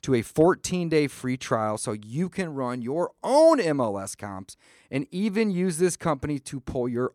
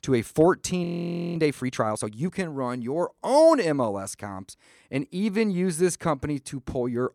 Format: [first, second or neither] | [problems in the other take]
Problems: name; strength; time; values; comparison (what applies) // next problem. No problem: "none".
first | audio freezing; at 1 s for 0.5 s